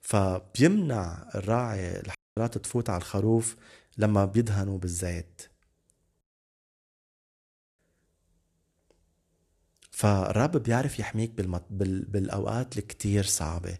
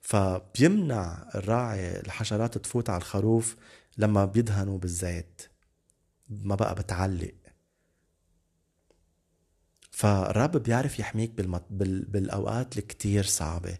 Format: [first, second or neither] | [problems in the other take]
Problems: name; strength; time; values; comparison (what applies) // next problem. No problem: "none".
second | audio cutting out; at 2 s and at 6 s for 1.5 s